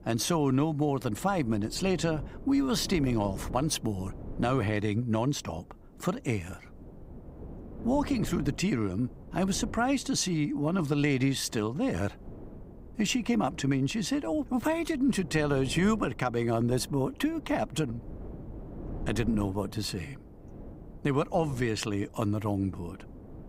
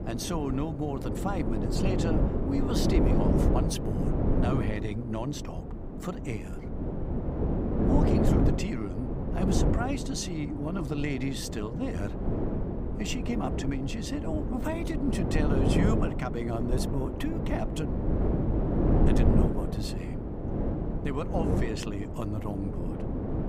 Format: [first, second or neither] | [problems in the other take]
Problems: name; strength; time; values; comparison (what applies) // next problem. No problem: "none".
first | wind noise on the microphone; heavy; 1 dB above the speech; occasional gusts in the first